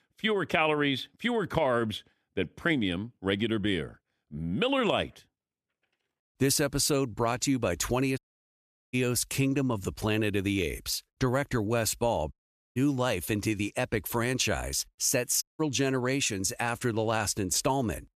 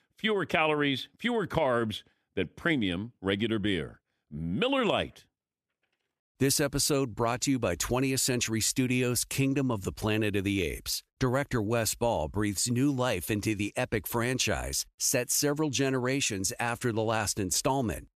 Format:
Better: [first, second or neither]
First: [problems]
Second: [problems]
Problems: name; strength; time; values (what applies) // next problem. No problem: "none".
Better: second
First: audio cutting out; at 8 s for 1 s, at 12 s and at 15 s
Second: none